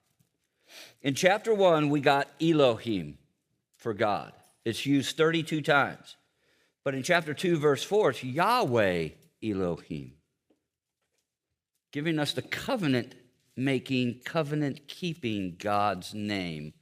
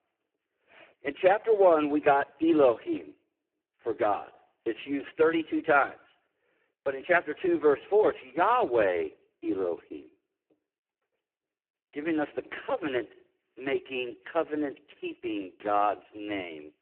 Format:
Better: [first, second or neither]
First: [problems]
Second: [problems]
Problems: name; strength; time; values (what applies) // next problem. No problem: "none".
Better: first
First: none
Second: phone-call audio; poor line